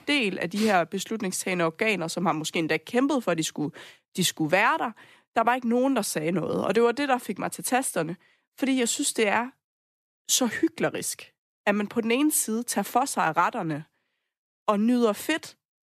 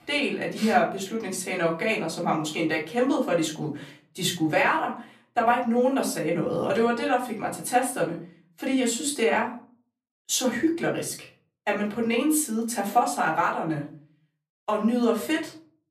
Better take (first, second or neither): first